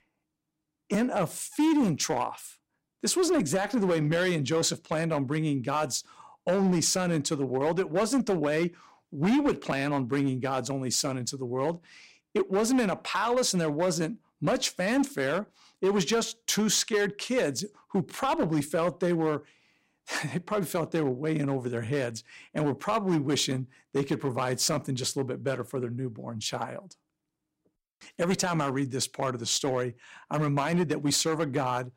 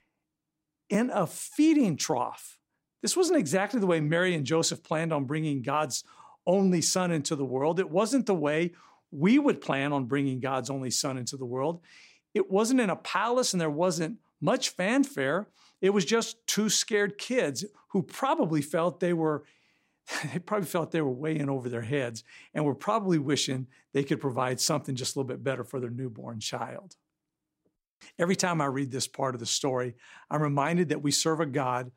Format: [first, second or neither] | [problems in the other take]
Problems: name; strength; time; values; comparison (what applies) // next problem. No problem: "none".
second | distortion; slight; 6% of the sound clipped